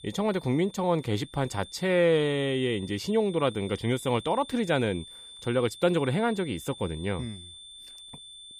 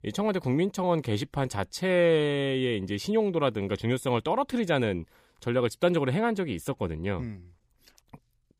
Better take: second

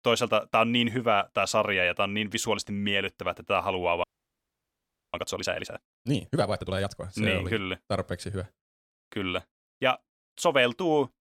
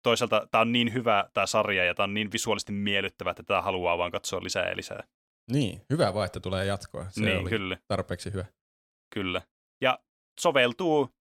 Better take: second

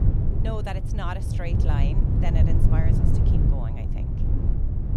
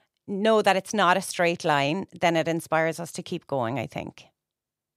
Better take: second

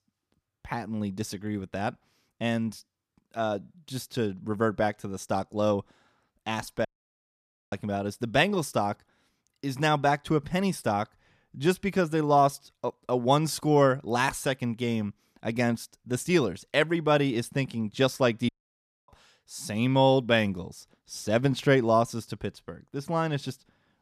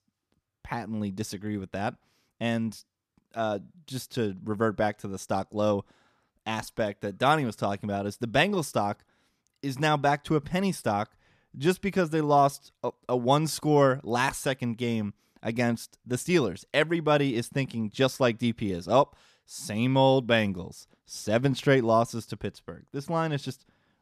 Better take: second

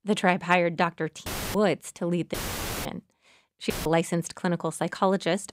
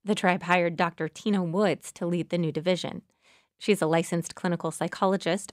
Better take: second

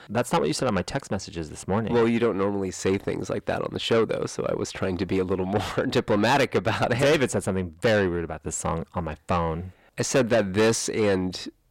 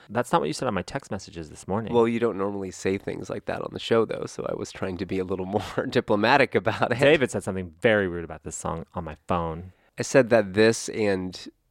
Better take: second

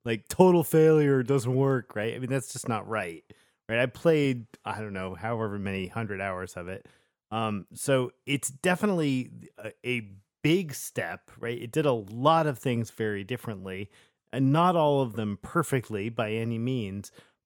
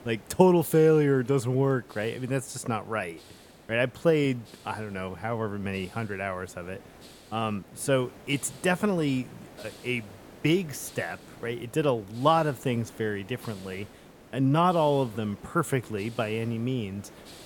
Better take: first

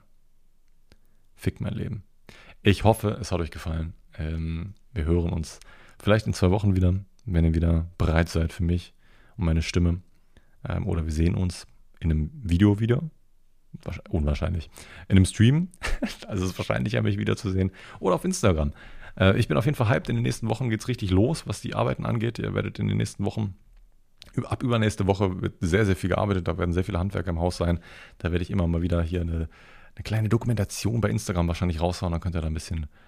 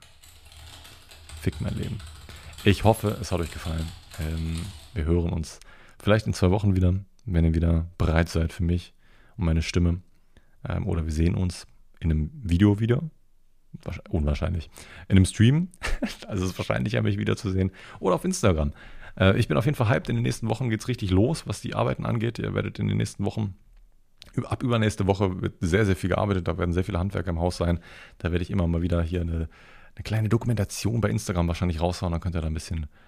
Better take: first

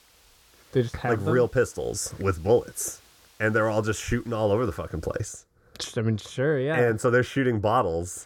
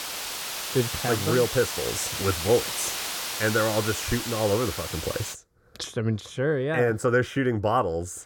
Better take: first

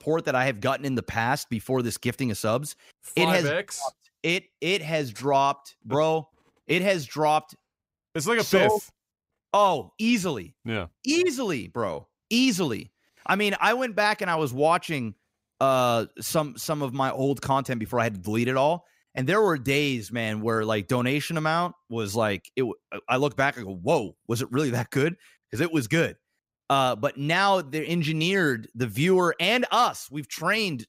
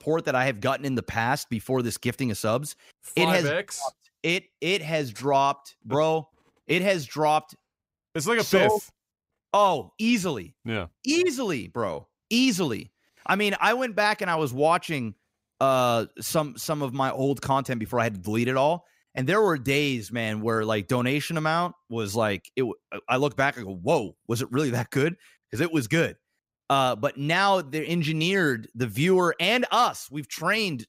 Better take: neither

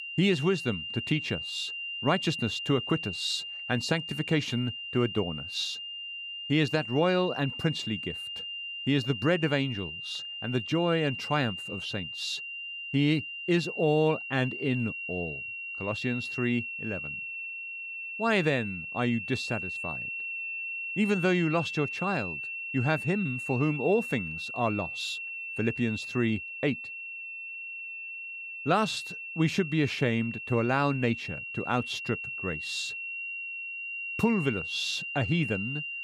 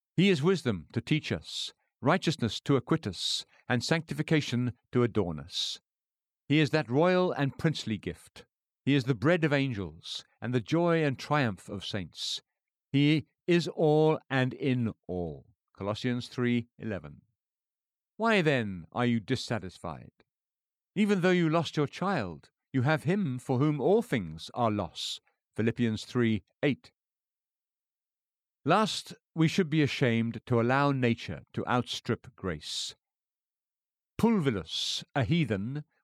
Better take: second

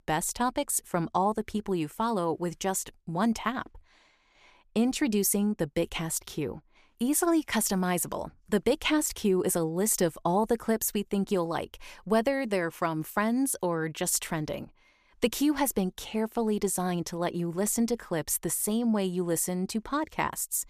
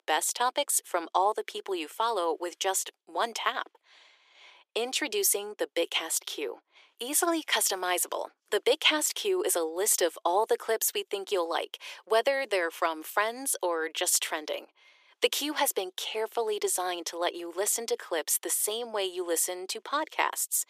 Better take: first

